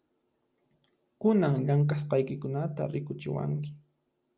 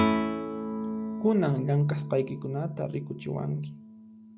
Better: first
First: none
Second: background sound (Guitar); 3 dB below the speech

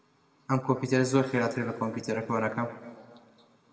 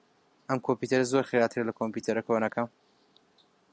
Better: second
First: room echo; dies away in 1.7 s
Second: none

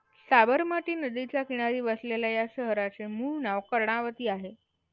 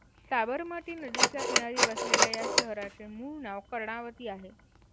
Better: first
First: none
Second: background sound (Telephone); 5 dB above the speech

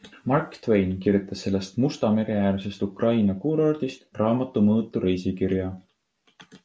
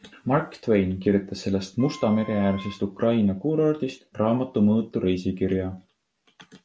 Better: first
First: none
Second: background sound (Wind instrument, woodwind instrument); 19 dB below the speech

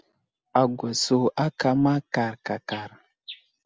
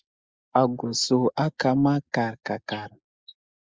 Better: first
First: none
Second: noise reduction (neural mask model Resemble Enhance denoiser)

